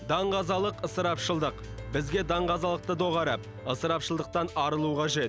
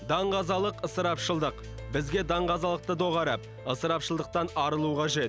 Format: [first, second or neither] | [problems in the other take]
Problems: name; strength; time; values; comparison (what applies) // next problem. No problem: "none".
second | background sound (Bowed string instrument); 19 dB below the speech